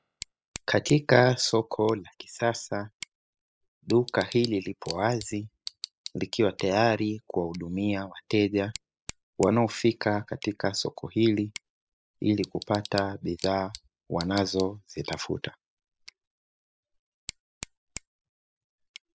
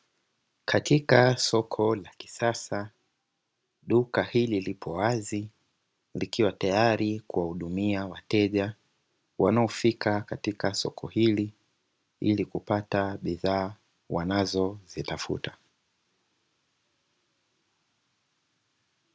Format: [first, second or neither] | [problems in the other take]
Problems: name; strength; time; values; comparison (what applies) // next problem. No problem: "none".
second | noise reduction (classical method spectral subtraction)